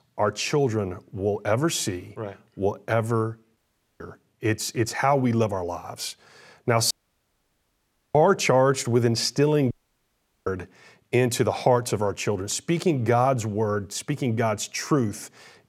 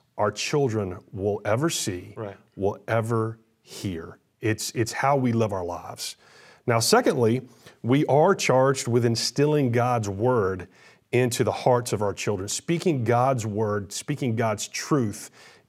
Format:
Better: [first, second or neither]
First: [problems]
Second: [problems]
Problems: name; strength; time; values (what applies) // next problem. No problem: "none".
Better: second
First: audio cutting out; at 3.5 s, at 7 s for 1 s and at 9.5 s for 1 s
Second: none